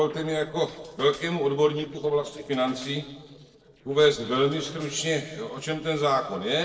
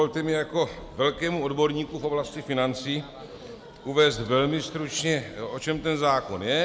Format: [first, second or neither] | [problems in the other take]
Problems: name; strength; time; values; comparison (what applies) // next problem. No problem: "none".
second | noise reduction (neural separator model SepFormer DNS4)